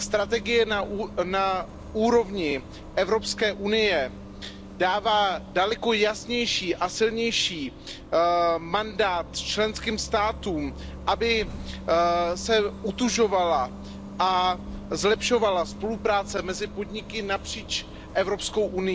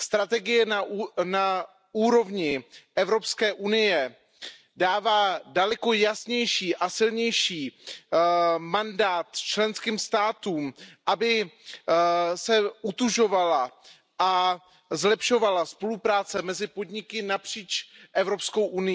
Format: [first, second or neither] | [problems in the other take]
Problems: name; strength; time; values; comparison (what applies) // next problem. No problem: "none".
second | background sound (Bus); 13 dB below the speech